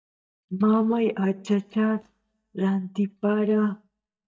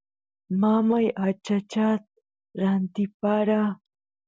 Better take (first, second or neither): second